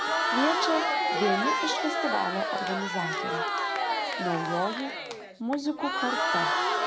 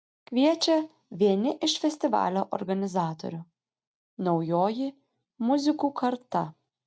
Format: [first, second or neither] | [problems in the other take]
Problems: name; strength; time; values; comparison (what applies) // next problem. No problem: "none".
second | background sound (Crowd); 4 dB above the speech